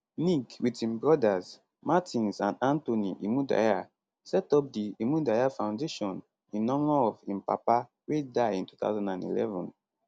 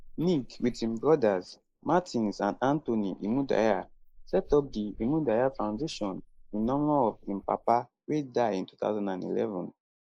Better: first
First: none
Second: noise reduction (neural mask model Resemble Enhance denoiser)

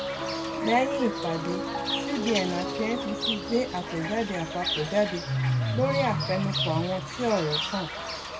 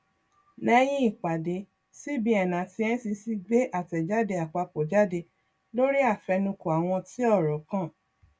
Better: second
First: background sound (Bird / Fowl + Piano); 1 dB below the speech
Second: none

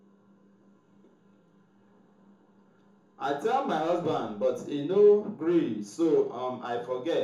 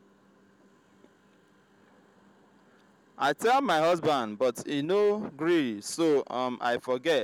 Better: second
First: room echo; dies away in 0.7 s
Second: none

